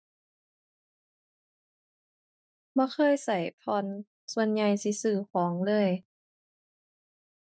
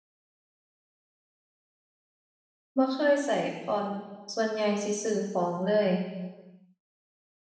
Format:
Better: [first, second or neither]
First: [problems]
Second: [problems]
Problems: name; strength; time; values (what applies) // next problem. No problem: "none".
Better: first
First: none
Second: room echo; dies away in 1.1 s